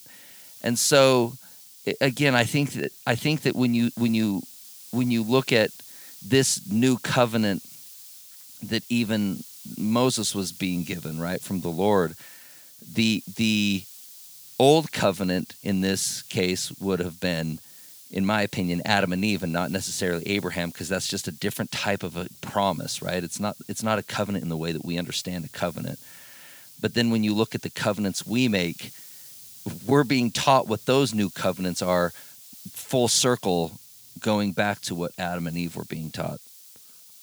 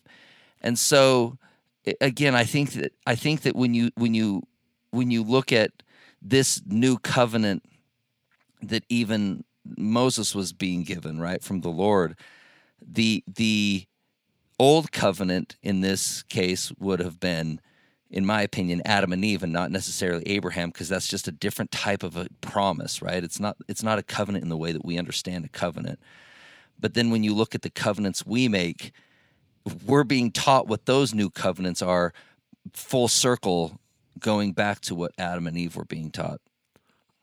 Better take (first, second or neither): second